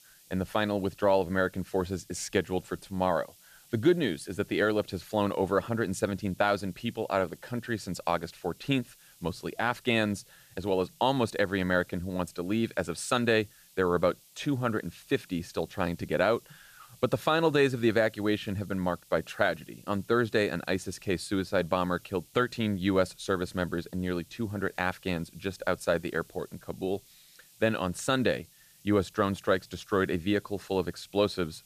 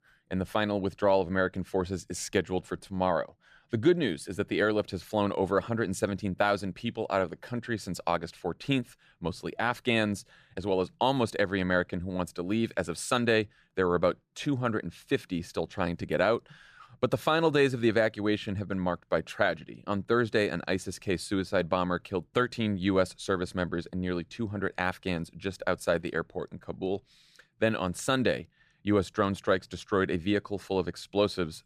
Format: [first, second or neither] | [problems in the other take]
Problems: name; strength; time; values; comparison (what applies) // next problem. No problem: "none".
second | hiss; faint; throughout; 25 dB below the speech